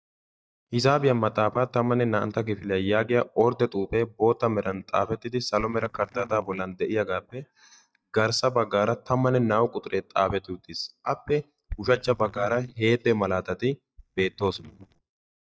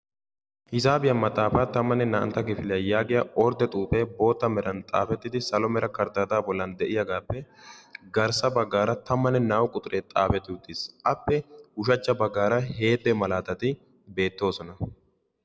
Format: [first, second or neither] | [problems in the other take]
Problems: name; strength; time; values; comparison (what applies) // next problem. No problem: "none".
second | noise reduction (neural mask model DeepFilterNet 3)